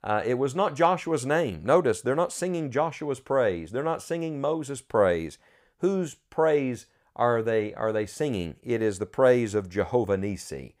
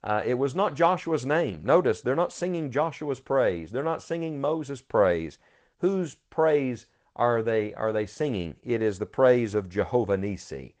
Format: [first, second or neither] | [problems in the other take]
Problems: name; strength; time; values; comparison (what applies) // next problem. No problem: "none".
first | garbled, watery; slightly; nothing above 8 kHz